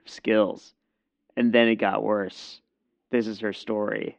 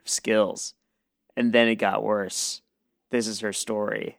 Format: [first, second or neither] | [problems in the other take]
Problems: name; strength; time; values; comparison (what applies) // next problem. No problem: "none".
second | muffled; slightly; fading above 3.5 kHz